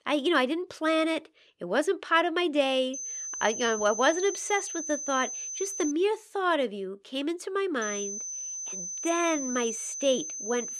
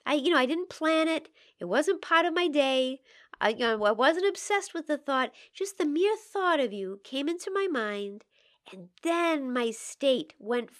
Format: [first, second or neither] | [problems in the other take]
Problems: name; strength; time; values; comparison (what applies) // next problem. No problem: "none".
second | high-pitched whine; loud; from 3 to 6 s and from 8 s on; 6 kHz, 6 dB below the speech